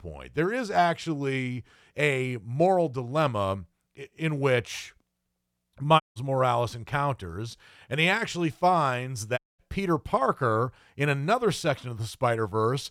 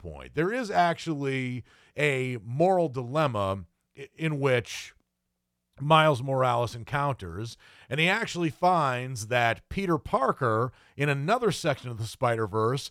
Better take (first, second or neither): second